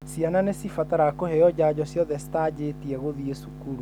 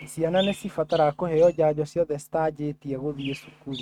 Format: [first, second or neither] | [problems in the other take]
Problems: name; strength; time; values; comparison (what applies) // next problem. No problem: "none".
first | noise reduction (neural mask model RNNoise)